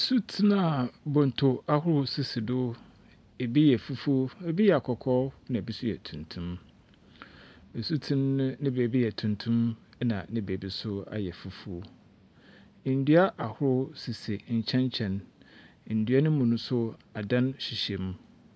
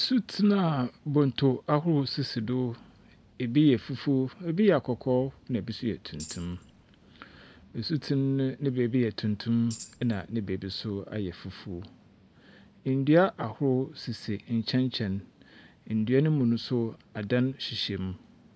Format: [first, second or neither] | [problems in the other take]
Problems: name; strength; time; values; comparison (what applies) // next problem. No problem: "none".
first | background sound (Tambourine); 18 dB below the speech